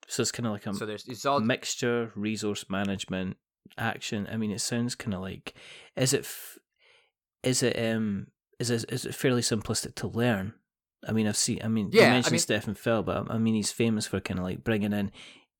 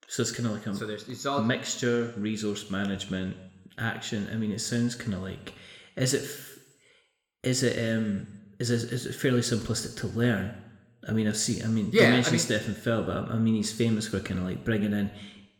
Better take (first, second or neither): first